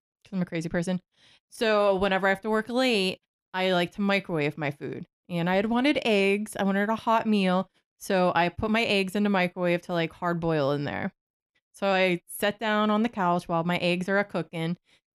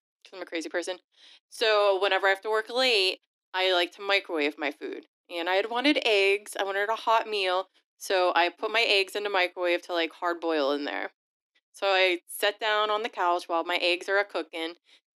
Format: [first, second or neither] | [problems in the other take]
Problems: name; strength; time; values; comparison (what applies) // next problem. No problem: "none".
first | thin; somewhat; fading below 300 Hz